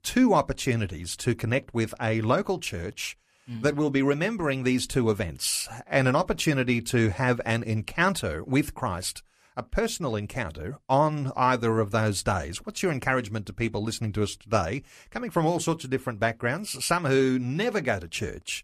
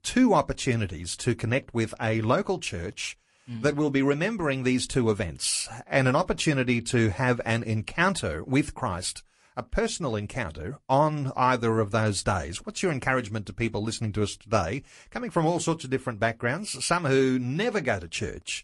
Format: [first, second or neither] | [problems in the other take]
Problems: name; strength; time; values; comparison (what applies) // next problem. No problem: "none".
first | garbled, watery; slightly; nothing above 11 kHz